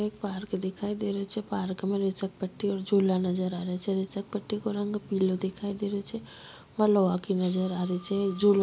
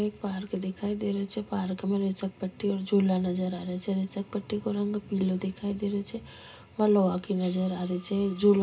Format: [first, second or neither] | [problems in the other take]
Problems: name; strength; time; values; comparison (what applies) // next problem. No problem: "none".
first | room echo; dies away in 0.2 s